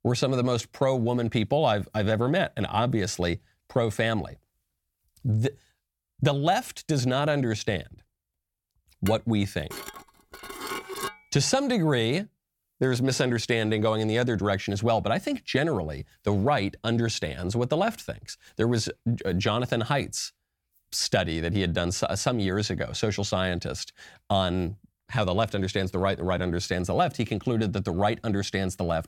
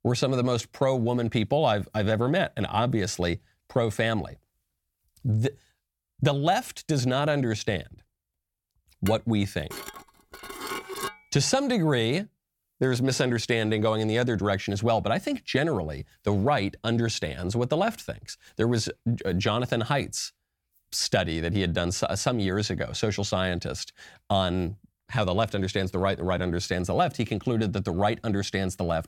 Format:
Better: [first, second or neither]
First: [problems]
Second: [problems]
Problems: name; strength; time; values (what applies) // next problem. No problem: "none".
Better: neither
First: clattering dishes; noticeable; from 9 to 11 s; peak 6 dB below the speech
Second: clattering dishes; noticeable; from 9 to 11 s; peak 6 dB below the speech